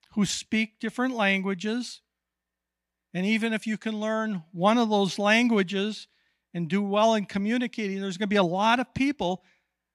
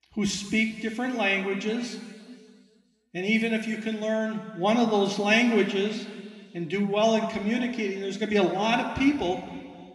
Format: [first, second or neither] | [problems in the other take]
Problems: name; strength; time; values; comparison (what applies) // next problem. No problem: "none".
first | room echo; noticeable; dies away in 2 s // off-mic speech; somewhat distant